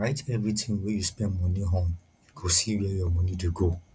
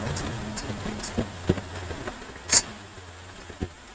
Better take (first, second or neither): first